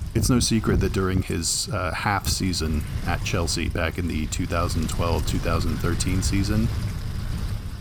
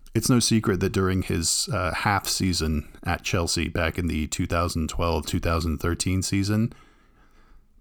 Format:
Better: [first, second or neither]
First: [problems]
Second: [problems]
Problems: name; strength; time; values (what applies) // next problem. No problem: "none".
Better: second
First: wind noise on the microphone; occasional gusts; 15 dB below the speech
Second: none